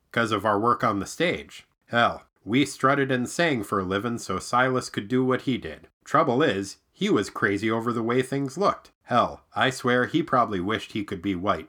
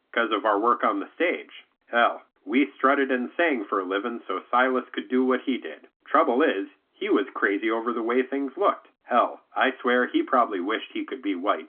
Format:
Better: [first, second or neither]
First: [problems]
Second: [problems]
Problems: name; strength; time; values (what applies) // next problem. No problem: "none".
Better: first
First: none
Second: phone-call audio; nothing above 3.5 kHz